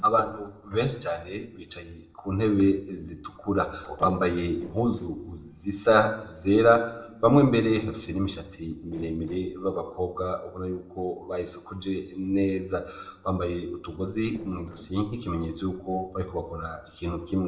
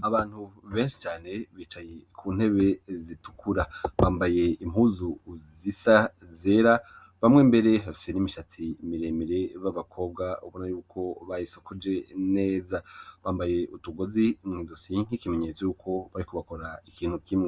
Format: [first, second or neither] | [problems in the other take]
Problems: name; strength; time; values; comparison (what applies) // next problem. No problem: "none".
second | noise reduction (neural separator model SepFormer DNS4)